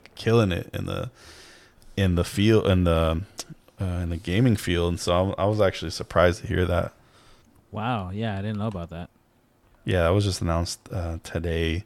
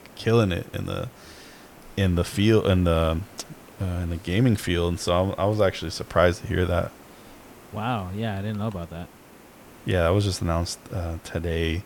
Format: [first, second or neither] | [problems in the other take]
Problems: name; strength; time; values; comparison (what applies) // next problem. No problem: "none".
first | hiss; faint; throughout; 25 dB below the speech